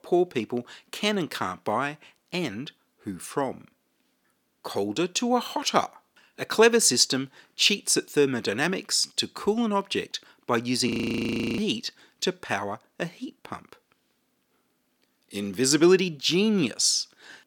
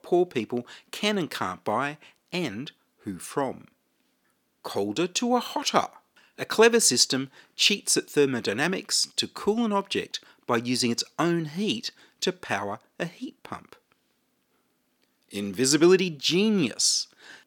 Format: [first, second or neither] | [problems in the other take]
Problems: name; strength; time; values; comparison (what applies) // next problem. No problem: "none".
second | audio freezing; at 11 s for 0.5 s